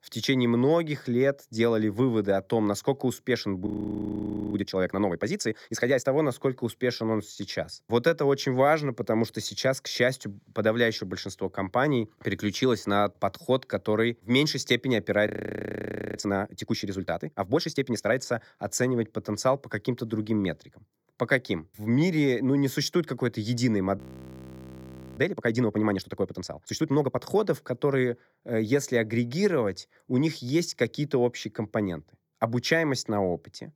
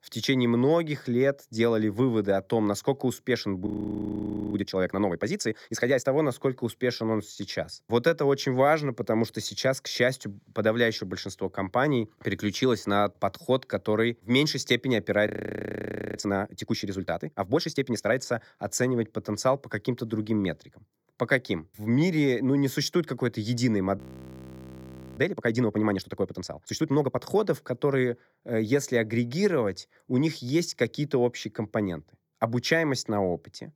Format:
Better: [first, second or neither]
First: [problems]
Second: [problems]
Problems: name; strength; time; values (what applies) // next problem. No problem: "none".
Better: neither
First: audio freezing; at 3.5 s for 1 s, at 15 s for 1 s and at 24 s for 1 s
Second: audio freezing; at 3.5 s for 1 s, at 15 s for 1 s and at 24 s for 1 s